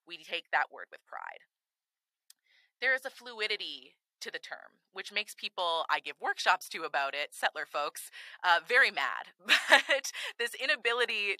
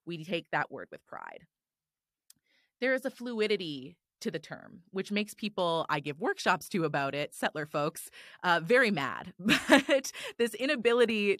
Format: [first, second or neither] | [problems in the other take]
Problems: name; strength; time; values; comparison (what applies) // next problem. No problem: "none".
second | thin; very; fading below 800 Hz